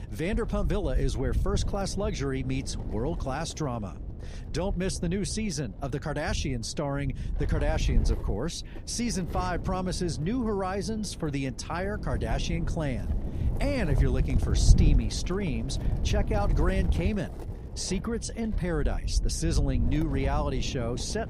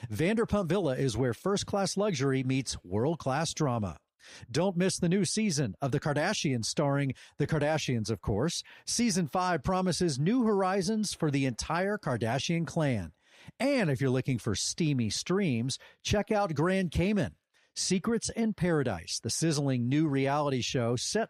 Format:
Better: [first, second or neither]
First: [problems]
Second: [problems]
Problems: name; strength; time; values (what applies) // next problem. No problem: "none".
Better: second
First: wind noise on the microphone; occasional gusts; 10 dB below the speech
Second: none